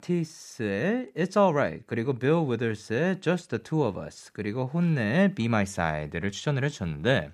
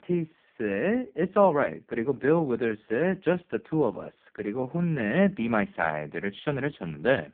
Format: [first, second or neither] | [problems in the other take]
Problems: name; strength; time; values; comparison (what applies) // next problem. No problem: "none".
first | phone-call audio; poor line